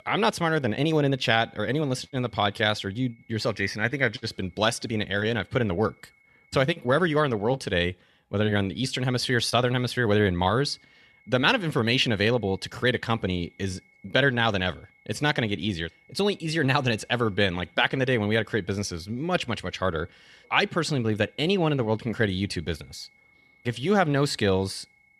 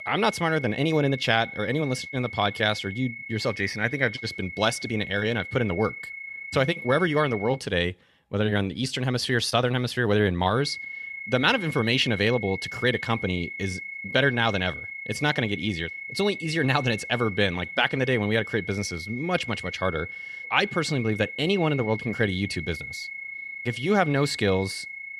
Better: first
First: high-pitched whine; faint; until 7.5 s and from 11 s on; 2 kHz, 35 dB below the speech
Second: high-pitched whine; loud; until 7.5 s and from 11 s on; 2 kHz, 9 dB below the speech

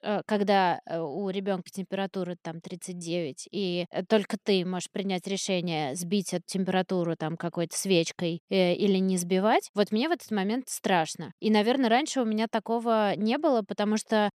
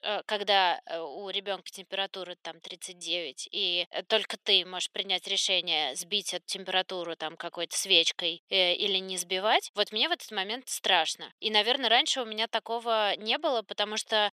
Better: first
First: none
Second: thin; very; fading below 550 Hz

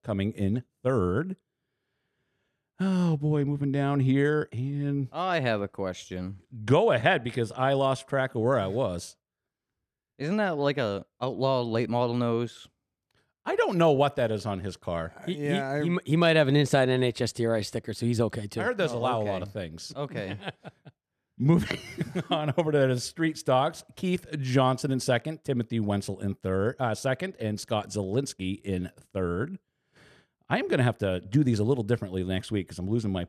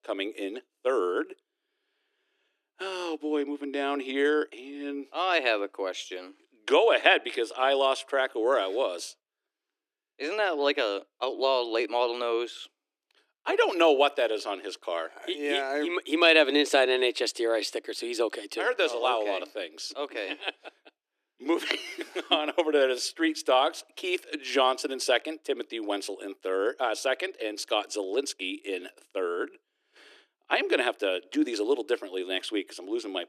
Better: first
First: none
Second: thin; somewhat; fading below 300 Hz

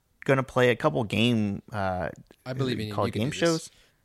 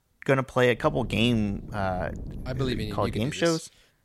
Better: first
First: none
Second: wind noise on the microphone; occasional gusts; from 1 to 3 s; 20 dB below the speech

